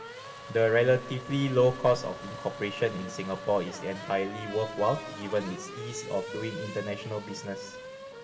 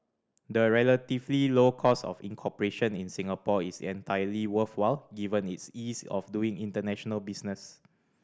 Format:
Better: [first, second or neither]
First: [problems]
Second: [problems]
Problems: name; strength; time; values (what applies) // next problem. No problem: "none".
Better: second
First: background sound (Race car, auto racing / Accelerating, revving, vroom); 12 dB below the speech // room echo; dies away in 2 s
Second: none